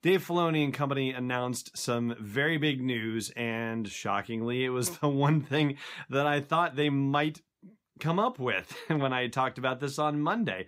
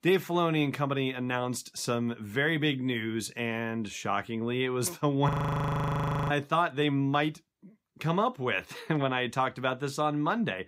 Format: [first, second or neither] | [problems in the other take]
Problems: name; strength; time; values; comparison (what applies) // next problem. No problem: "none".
first | audio freezing; at 5.5 s for 1 s